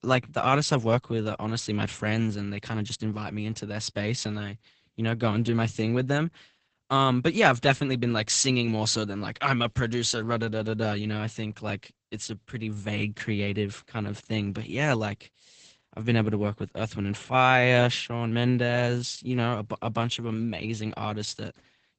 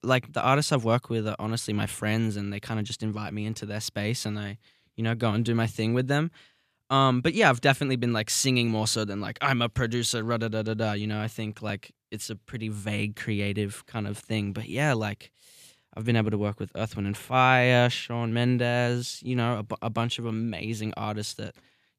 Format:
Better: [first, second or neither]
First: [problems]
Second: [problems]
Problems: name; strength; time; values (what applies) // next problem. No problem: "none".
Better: second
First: garbled, watery; badly; nothing above 8 kHz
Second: none